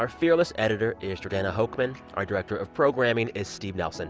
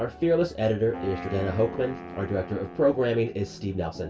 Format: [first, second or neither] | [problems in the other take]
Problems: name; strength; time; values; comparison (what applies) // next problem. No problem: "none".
first | background sound (Wind instrument, woodwind instrument); 14 dB below the speech // room echo; dies away in 0.2 s